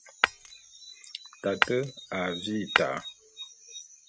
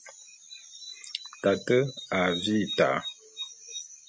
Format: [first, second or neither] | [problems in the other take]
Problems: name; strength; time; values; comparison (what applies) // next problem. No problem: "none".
second | background sound (Shatter); 3 dB above the speech